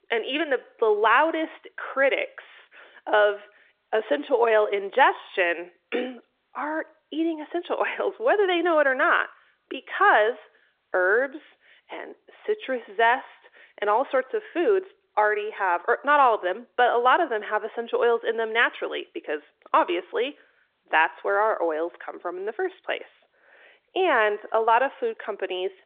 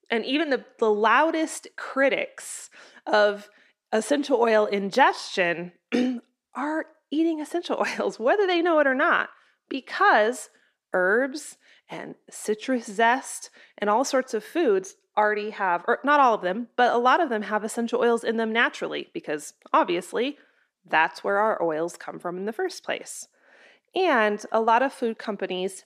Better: second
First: phone-call audio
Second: none

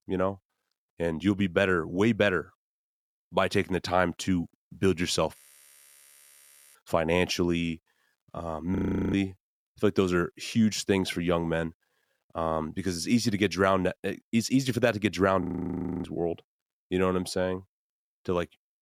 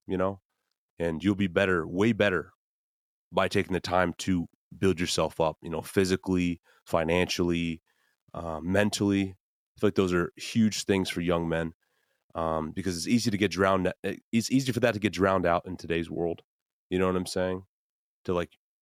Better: second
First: audio freezing; at 5.5 s for 1.5 s, at 9 s and at 15 s for 0.5 s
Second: none

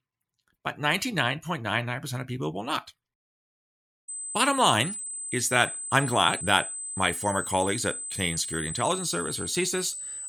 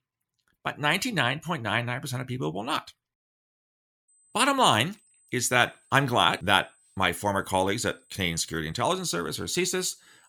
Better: second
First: high-pitched whine; loud; from 4 s on; 8 kHz, 6 dB below the speech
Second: high-pitched whine; faint; from 4 s on; 8 kHz, 35 dB below the speech

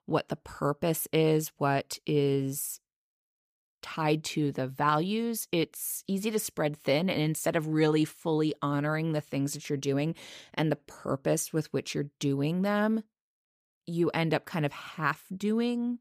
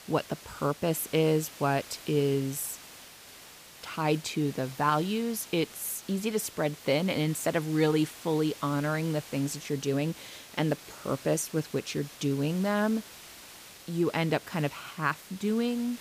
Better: first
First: none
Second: hiss; noticeable; throughout; 15 dB below the speech

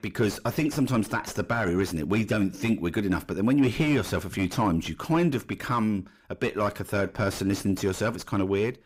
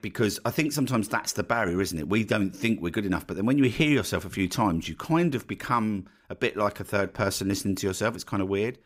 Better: second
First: distortion; slight; 10 dB below the speech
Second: none

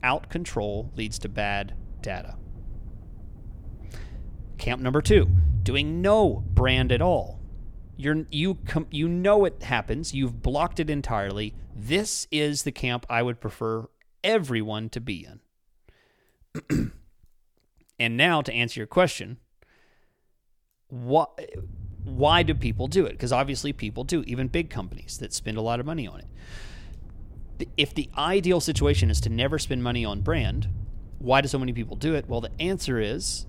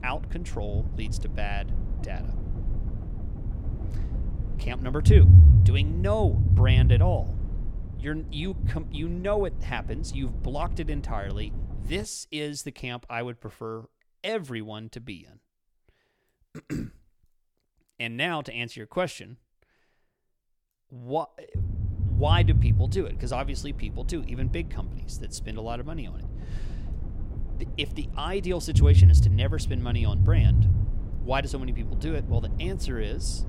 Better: first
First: low rumble; faint; until 12 s and from 22 s on; 25 dB below the speech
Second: low rumble; loud; until 12 s and from 22 s on; 7 dB below the speech

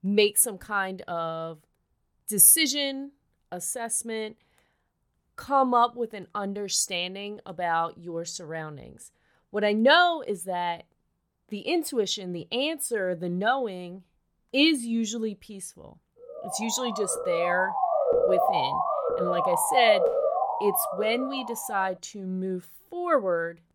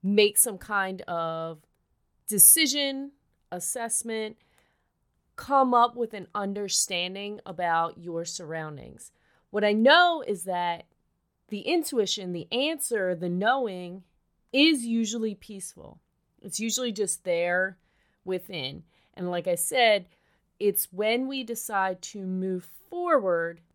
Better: second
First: siren; loud; from 16 to 22 s; peak 3 dB above the speech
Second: none

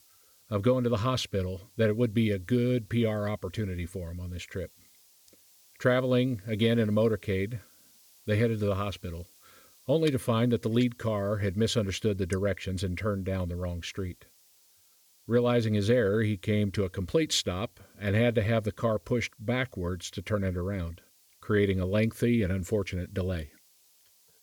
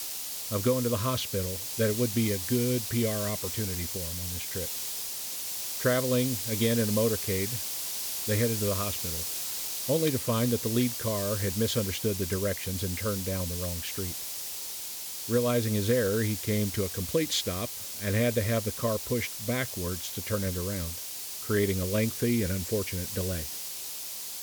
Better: first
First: hiss; faint; throughout; 30 dB below the speech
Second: hiss; loud; throughout; 3 dB below the speech

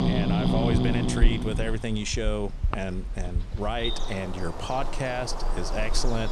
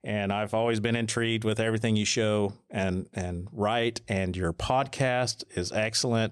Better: second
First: animal sounds; very loud; throughout; 1 dB above the speech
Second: none

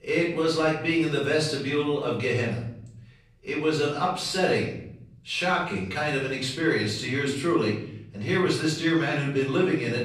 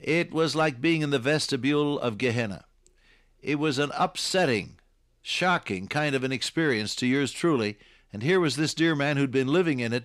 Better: second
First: off-mic speech; far // room echo; noticeable; dies away in 0.7 s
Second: none

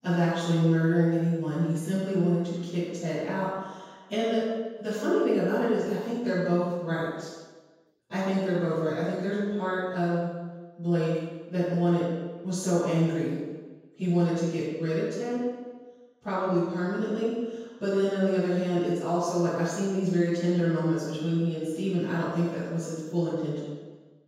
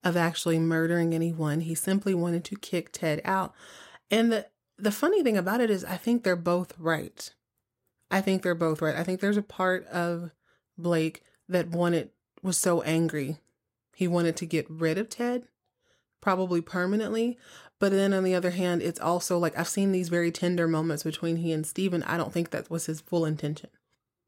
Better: second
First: room echo; strong; dies away in 1.2 s // off-mic speech; far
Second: none

